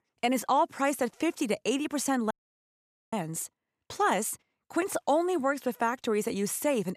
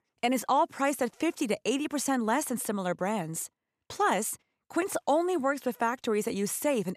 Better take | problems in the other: second | audio cutting out; at 2.5 s for 1 s

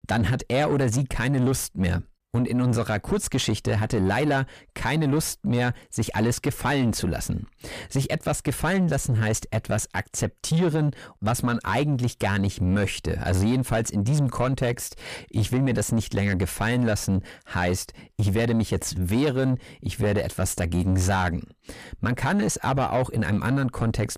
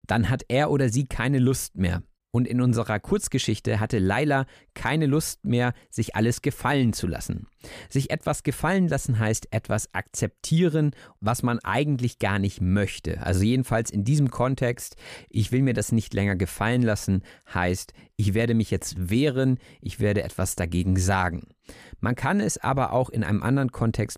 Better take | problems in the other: second | distortion; slight; 9 dB below the speech

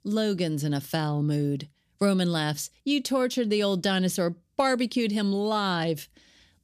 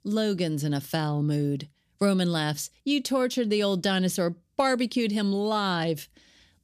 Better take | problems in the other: neither | none

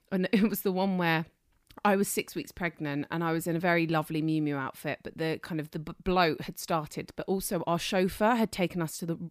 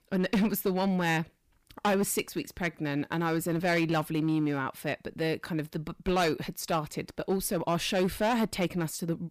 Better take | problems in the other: first | distortion; slight; 6% of the sound clipped

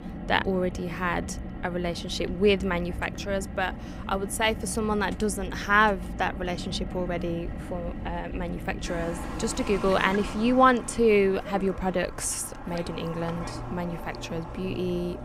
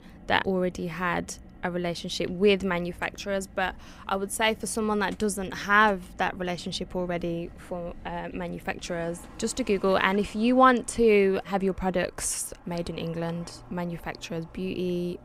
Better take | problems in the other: second | traffic noise; loud; throughout; 10 dB below the speech; faint in the second

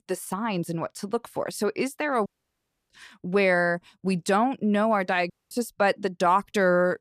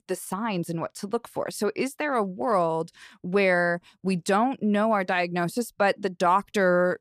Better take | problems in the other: second | audio cutting out; at 2.5 s for 0.5 s and at 5.5 s

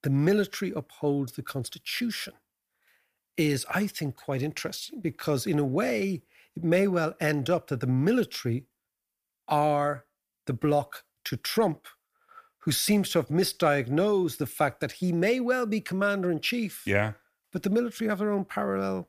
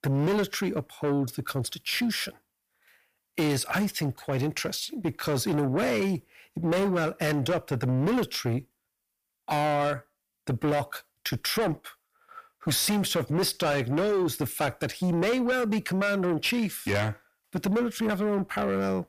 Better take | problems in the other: first | distortion; heavy; 8 dB below the speech

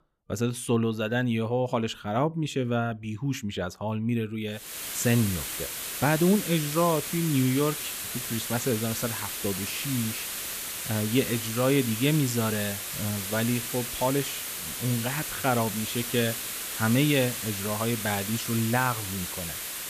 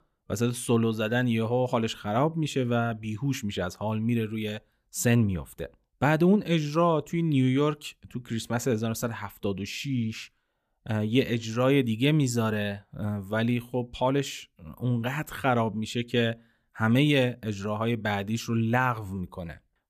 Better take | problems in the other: second | hiss; loud; from 4.5 s on; 4 dB below the speech

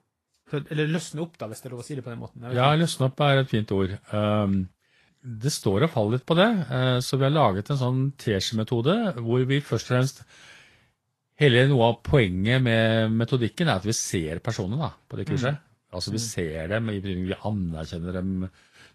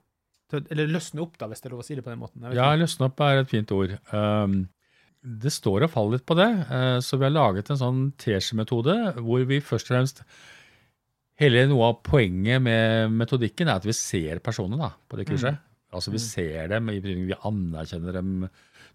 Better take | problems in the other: second | garbled, watery; slightly; nothing above 12.5 kHz

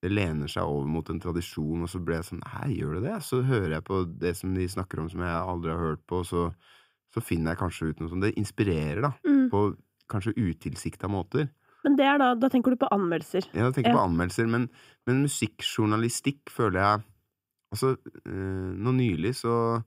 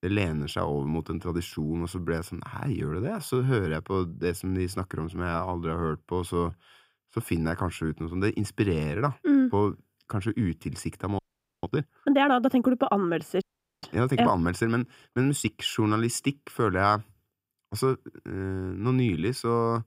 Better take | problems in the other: first | audio freezing; at 11 s and at 13 s

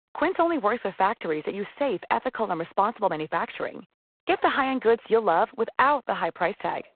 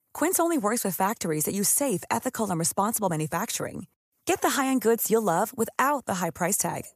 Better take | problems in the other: second | phone-call audio; poor line; nothing above 4 kHz

